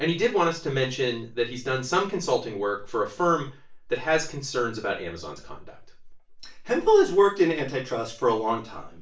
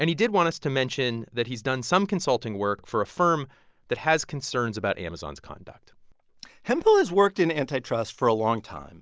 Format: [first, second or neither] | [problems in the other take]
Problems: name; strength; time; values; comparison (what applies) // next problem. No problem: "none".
second | room echo; dies away in 0.3 s